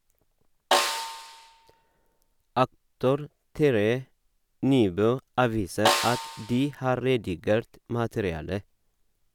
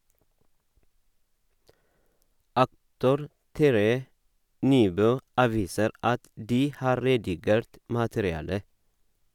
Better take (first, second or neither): second